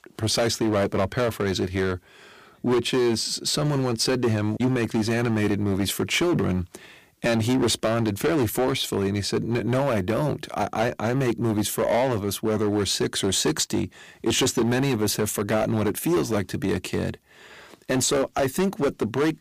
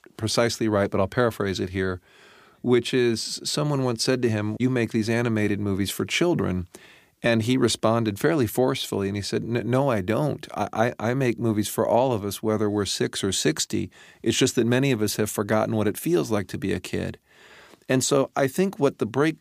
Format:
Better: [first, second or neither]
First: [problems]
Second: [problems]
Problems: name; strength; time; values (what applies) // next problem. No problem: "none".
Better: second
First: distortion; heavy; 12% of the sound clipped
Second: none